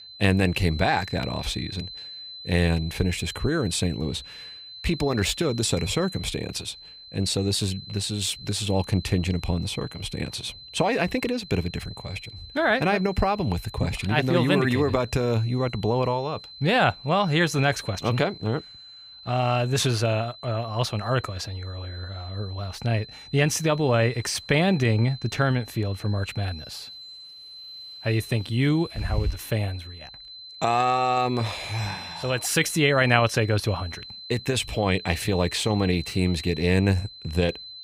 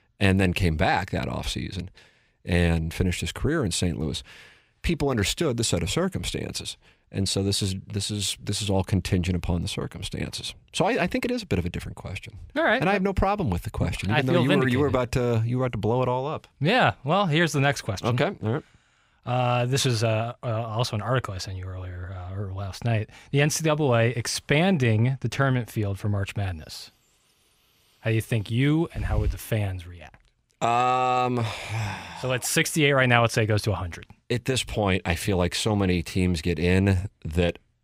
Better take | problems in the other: second | high-pitched whine; noticeable; throughout; 4 kHz, 15 dB below the speech

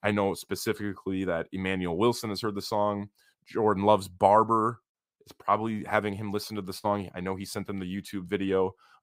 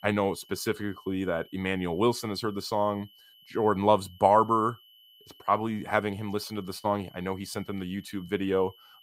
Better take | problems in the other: first | high-pitched whine; faint; throughout; 3 kHz, 25 dB below the speech

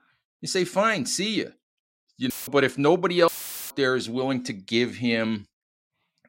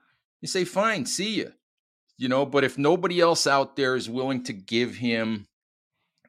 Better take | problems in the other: second | audio cutting out; filled with static; at 2.5 s and at 3.5 s

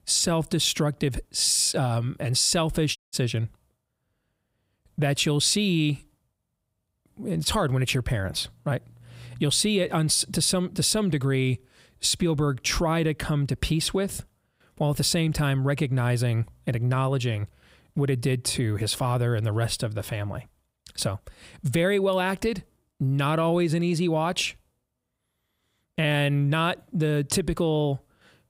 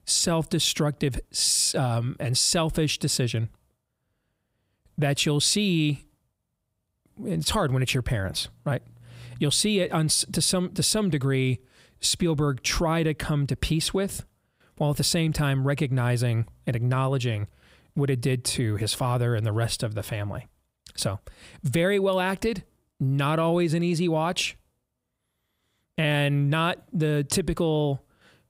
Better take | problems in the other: second | audio cutting out; at 3 s

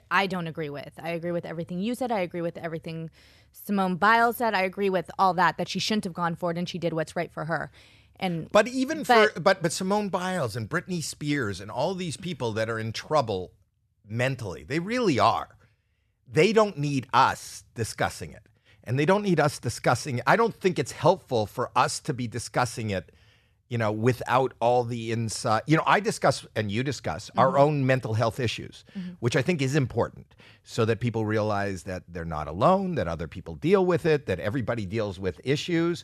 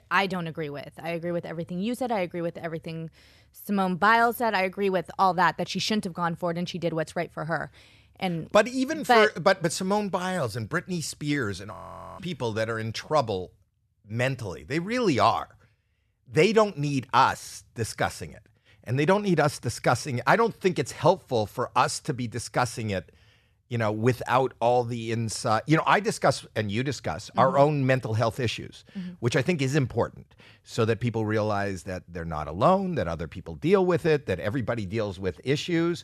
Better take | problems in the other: first | audio freezing; at 12 s

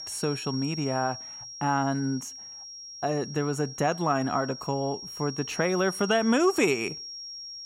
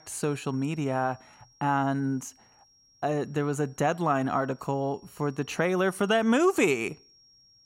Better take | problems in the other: second | high-pitched whine; loud; throughout; 5.5 kHz, 10 dB below the speech; faint in the second

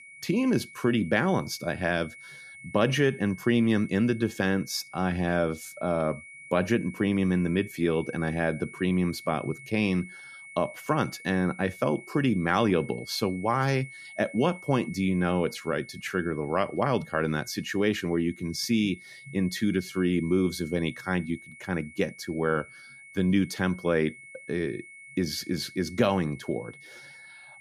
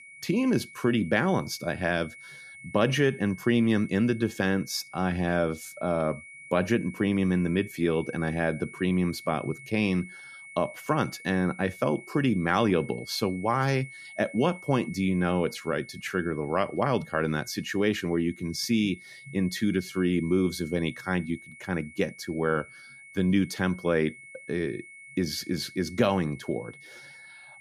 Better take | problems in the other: neither | high-pitched whine; noticeable; throughout; 2 kHz, 15 dB below the speech; the same in both

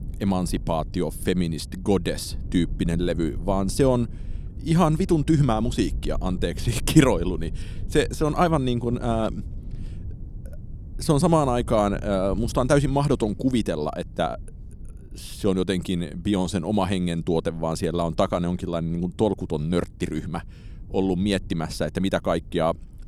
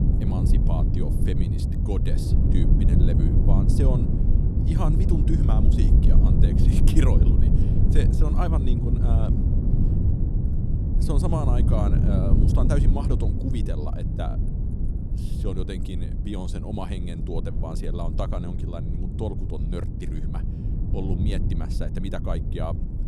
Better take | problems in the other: first | low rumble; loud; throughout; 1 dB below the speech; faint in the first

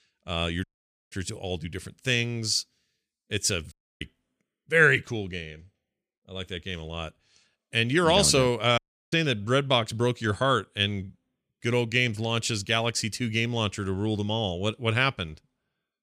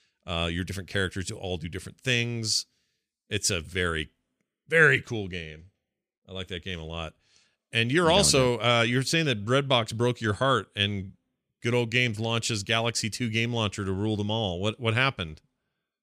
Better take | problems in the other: second | audio cutting out; at 0.5 s, at 3.5 s and at 9 s

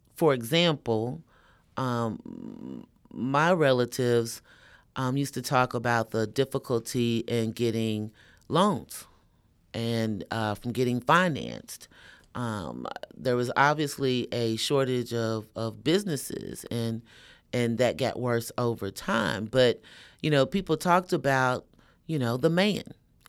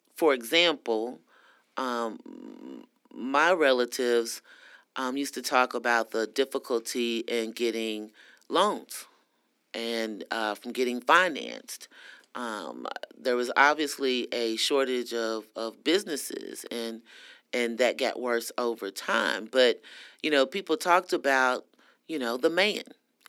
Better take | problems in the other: first | thin; somewhat; fading below 250 Hz

